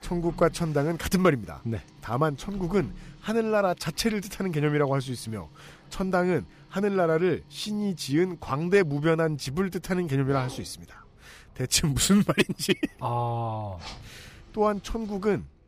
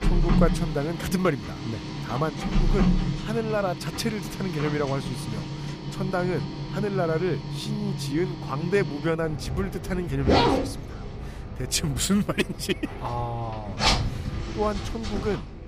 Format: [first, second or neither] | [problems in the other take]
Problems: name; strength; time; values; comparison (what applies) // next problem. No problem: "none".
first | household noises; loud; throughout; 1 dB below the speech; faint in the first